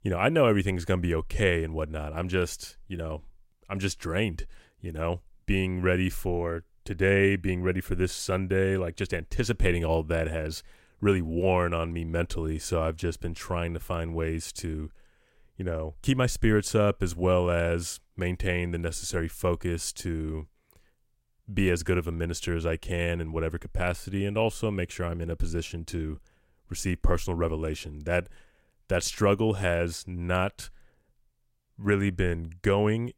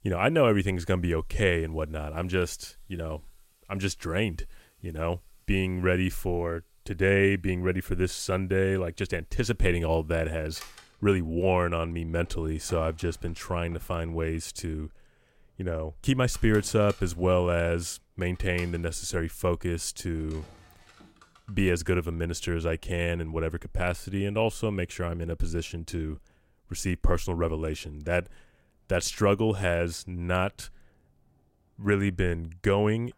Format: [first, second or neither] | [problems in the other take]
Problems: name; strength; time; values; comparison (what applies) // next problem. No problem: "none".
first | household noises; faint; throughout; 25 dB below the speech